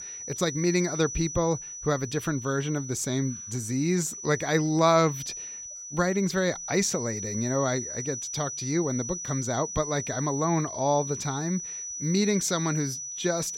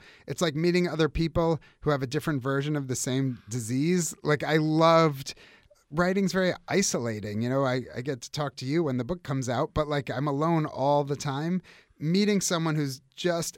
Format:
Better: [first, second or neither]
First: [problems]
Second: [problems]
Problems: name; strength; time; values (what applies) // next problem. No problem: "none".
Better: second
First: high-pitched whine; loud; throughout; 6 kHz, 7 dB below the speech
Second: none